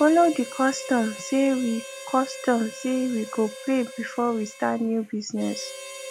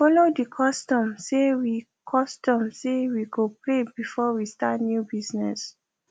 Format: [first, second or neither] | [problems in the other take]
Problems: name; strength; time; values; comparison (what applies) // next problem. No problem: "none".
second | background sound (Harmonica); 14 dB below the speech